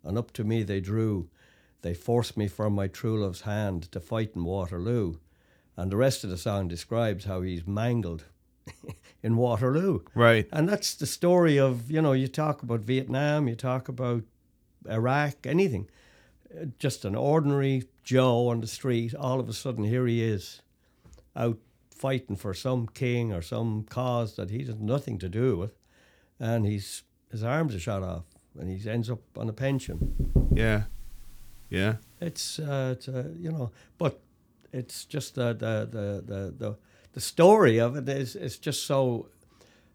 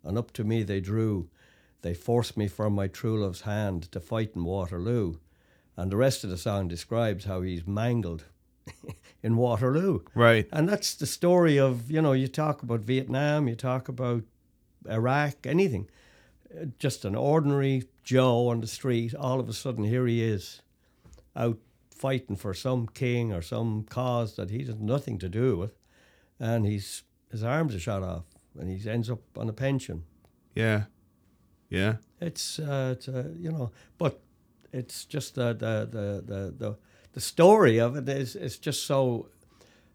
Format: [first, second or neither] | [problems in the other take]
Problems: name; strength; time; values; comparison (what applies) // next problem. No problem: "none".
second | door banging; loud; from 30 to 31 s; peak 2 dB above the speech